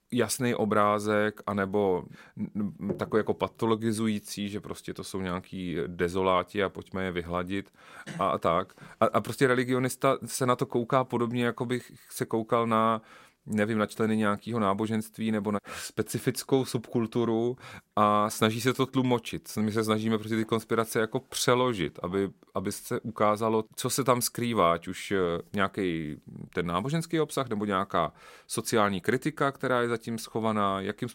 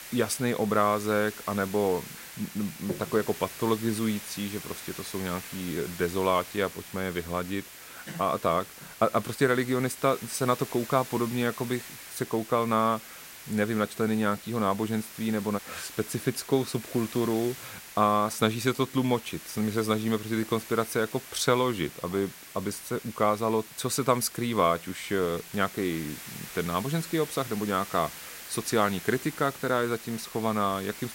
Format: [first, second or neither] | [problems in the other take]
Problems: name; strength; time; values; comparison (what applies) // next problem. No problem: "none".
first | hiss; noticeable; throughout; 15 dB below the speech